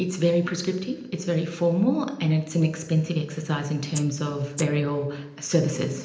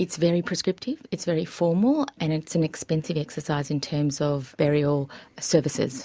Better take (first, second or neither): second